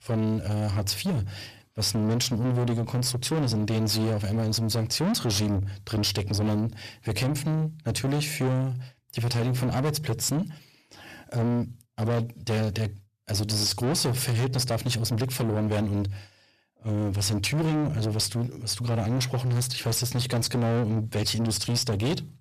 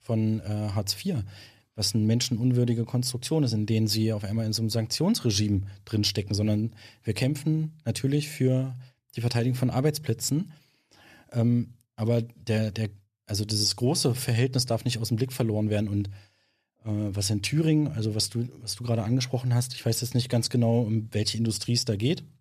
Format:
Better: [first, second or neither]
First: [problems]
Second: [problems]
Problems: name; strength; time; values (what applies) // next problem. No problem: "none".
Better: second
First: distortion; heavy; 7 dB below the speech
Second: none